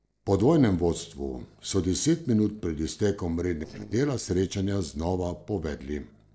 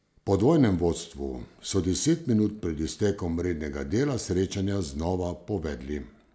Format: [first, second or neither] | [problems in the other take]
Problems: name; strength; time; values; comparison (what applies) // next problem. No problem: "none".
second | noise reduction (neural separator model SepFormer DNS4)